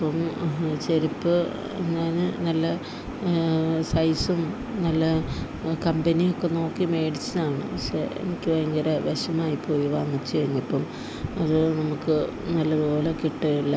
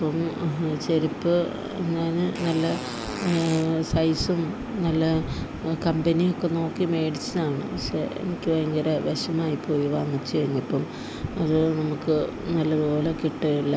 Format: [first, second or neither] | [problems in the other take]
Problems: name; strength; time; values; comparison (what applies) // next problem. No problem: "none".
first | background sound (Fart); 12 dB below the speech